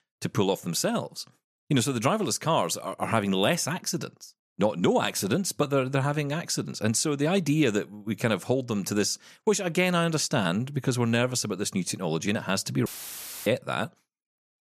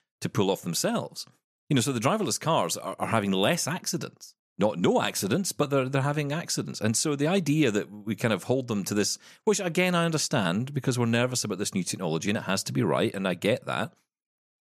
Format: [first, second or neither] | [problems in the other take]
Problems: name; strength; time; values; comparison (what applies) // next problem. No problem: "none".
second | audio cutting out; filled with static; at 13 s for 0.5 s